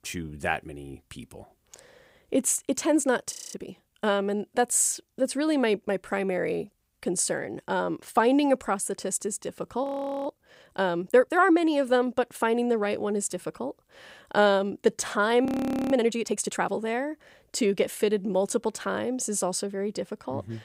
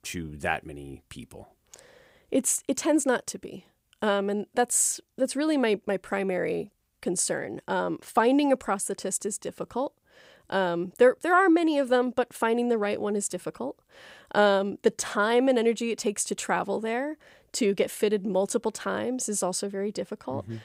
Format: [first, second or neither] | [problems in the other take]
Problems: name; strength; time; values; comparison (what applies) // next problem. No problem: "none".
second | audio freezing; at 3.5 s, at 10 s and at 15 s